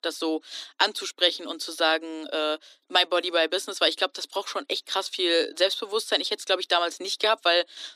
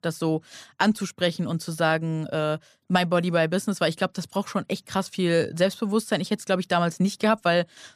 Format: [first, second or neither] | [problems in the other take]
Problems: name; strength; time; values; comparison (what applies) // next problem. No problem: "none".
second | thin; very; fading below 300 Hz